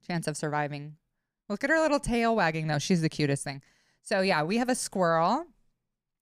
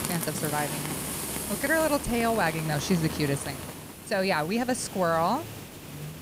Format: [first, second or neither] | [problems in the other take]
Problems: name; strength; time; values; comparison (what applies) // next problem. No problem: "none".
first | hiss; loud; throughout; 7 dB below the speech